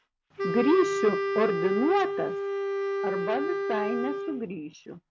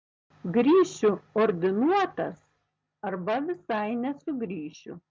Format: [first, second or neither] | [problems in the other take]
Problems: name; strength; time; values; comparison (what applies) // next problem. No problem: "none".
second | background sound (Wind instrument, woodwind instrument); 1 dB below the speech